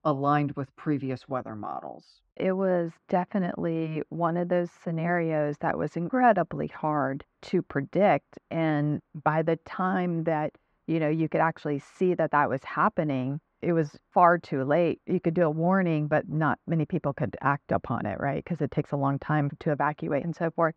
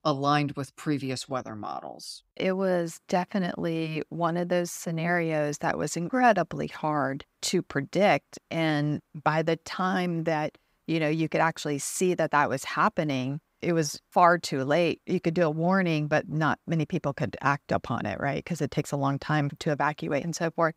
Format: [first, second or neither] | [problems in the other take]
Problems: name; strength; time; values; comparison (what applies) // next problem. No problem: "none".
second | muffled; very; fading above 1.5 kHz